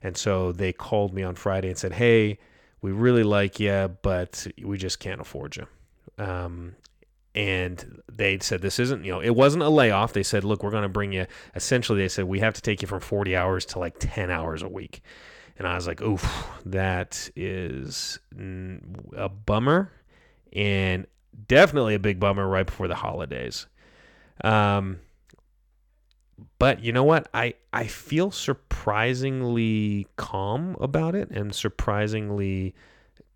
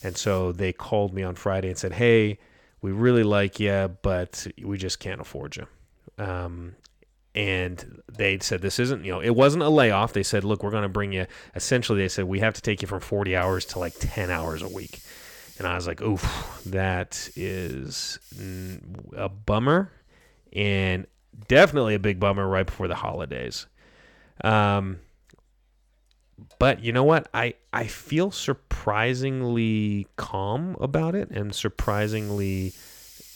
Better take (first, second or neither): first